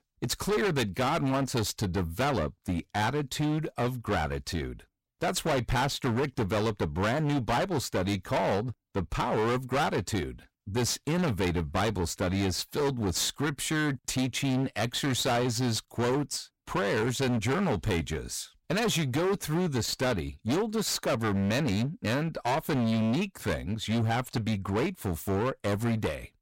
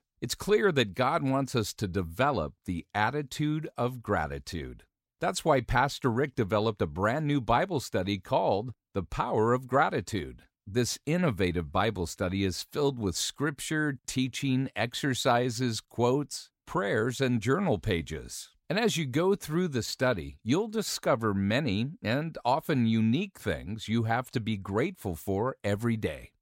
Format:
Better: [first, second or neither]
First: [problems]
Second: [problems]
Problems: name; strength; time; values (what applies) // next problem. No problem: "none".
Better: second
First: distortion; heavy; 23% of the sound clipped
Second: none